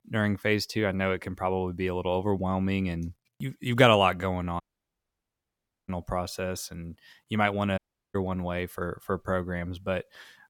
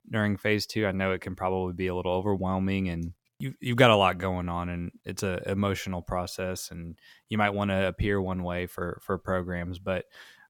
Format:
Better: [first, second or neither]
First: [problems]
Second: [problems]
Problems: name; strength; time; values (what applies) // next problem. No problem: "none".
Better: second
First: audio cutting out; at 4.5 s for 1.5 s and at 8 s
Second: none